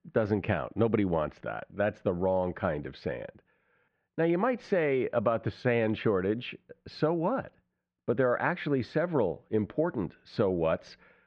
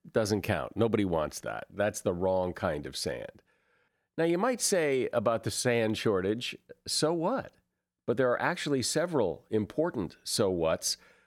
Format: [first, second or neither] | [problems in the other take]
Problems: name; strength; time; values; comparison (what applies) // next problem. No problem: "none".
second | muffled; very; fading above 3 kHz